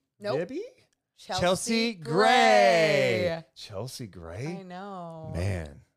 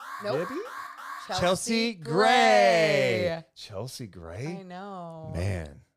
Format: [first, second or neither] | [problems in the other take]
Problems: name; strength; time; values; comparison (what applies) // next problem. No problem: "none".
first | alarm; faint; until 1.5 s; peak 15 dB below the speech